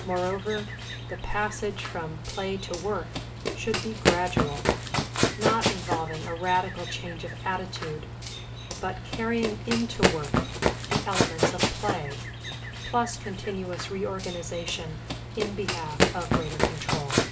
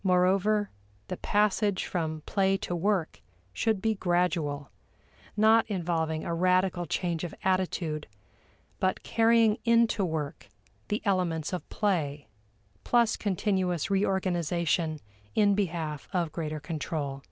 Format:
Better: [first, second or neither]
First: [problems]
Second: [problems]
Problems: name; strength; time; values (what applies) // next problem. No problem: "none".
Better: second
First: background sound (Run); 2 dB above the speech // room echo; dies away in 0.4 s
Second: none